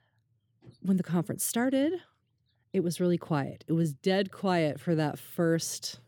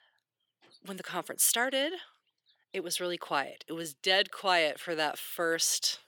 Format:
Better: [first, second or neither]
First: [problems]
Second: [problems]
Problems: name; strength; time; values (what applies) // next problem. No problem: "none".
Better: first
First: none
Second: thin; very; fading below 750 Hz